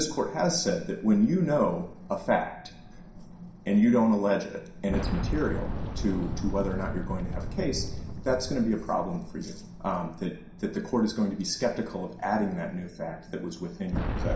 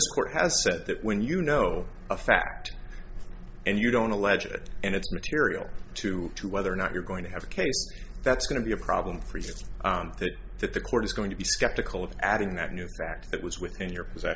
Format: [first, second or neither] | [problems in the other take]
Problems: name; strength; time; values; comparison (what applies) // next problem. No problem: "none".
second | background sound (Boom); 8 dB below the speech // room echo; dies away in 0.5 s